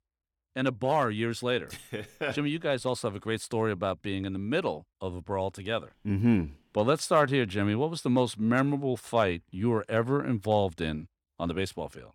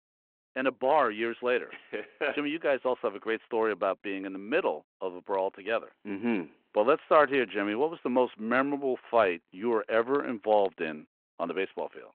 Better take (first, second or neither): first